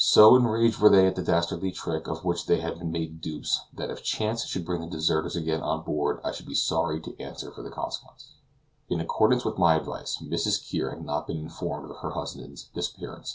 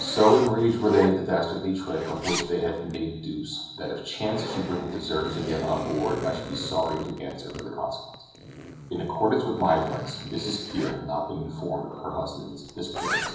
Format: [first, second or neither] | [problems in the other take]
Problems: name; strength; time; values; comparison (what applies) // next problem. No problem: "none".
first | background sound (Zipper (clothing)); 11 dB below the speech // room echo; dies away in 0.9 s